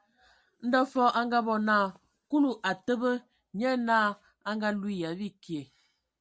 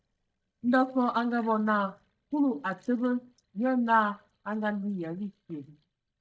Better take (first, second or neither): first